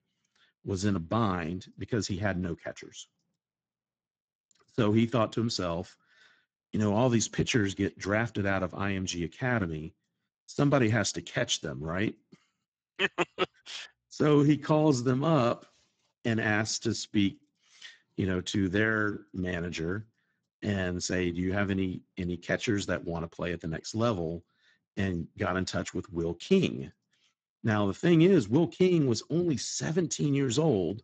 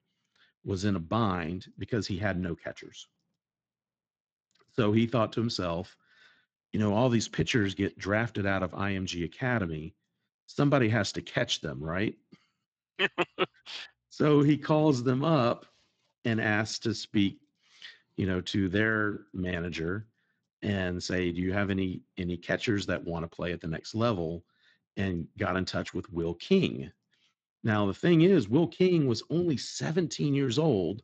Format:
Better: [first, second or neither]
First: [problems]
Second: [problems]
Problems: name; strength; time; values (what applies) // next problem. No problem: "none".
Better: second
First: garbled, watery; badly; nothing above 7.5 kHz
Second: garbled, watery; slightly; nothing above 7.5 kHz